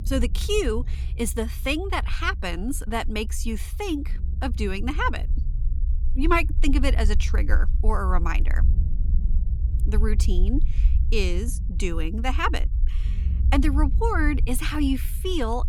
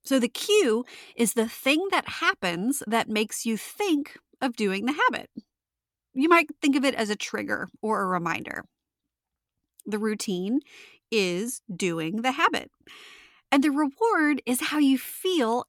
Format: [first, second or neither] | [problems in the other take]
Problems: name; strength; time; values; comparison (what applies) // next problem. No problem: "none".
second | low rumble; noticeable; throughout; 20 dB below the speech